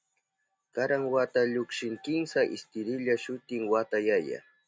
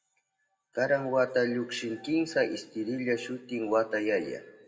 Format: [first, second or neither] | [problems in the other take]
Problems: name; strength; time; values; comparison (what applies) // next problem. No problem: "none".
first | room echo; dies away in 0.7 s